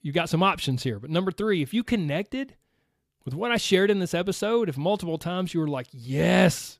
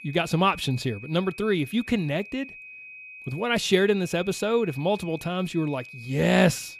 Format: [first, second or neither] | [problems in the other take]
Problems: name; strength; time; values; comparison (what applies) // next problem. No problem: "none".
first | high-pitched whine; noticeable; throughout; 2.5 kHz, 15 dB below the speech